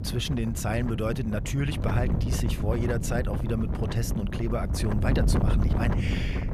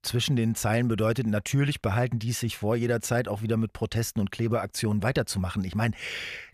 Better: second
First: wind noise on the microphone; heavy; 4 dB below the speech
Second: none

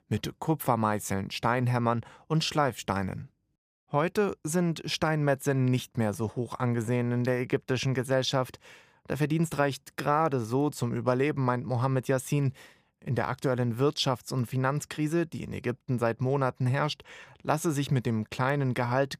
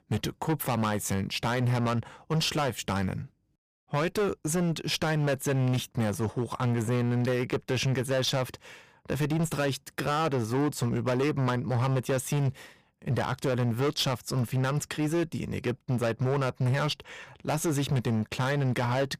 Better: first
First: none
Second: distortion; heavy; 17% of the sound clipped

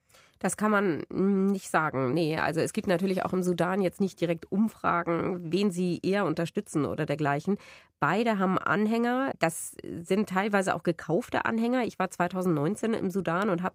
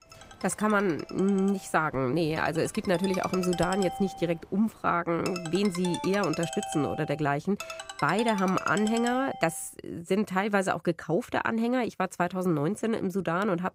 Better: first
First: none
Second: phone ringing; noticeable; until 9.5 s; peak 7 dB below the speech

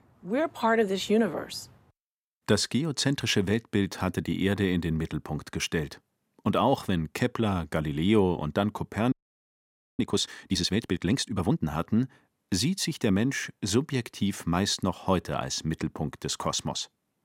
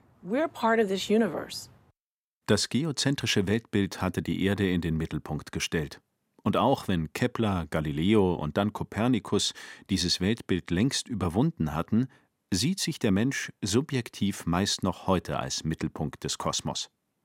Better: second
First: audio freezing; at 9 s for 1 s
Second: none

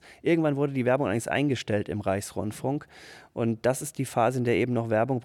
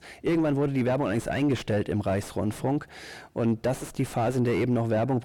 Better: first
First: none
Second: distortion; heavy; 6 dB below the speech

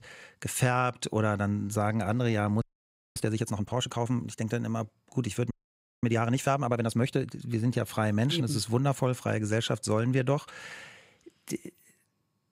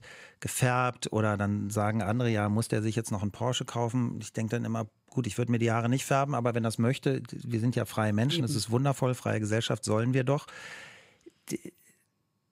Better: second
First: audio freezing; at 2.5 s for 0.5 s and at 5.5 s for 0.5 s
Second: none

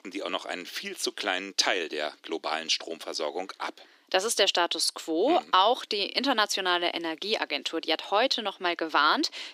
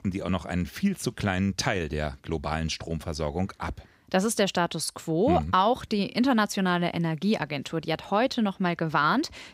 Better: second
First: thin; somewhat; fading below 300 Hz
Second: none

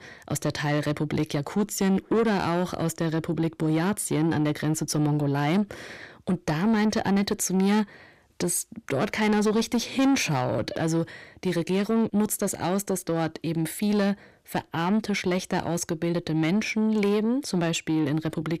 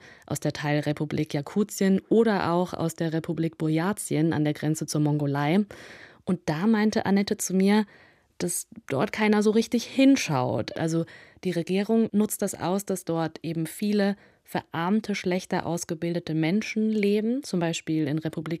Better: second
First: distortion; slight; 10 dB below the speech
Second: none

